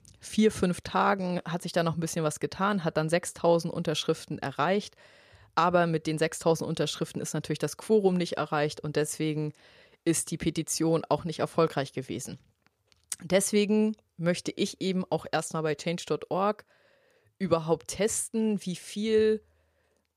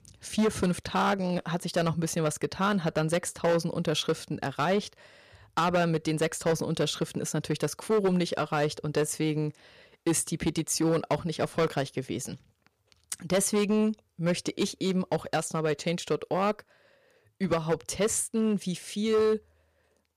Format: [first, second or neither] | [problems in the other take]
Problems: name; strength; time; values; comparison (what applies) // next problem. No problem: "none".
first | distortion; slight; 6% of the sound clipped